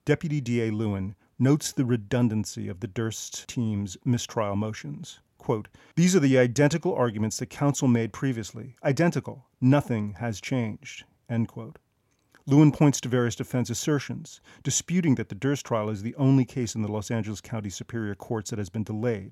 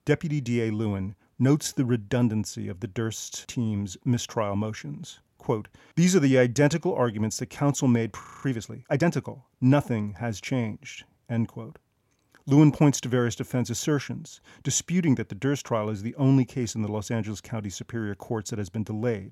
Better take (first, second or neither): first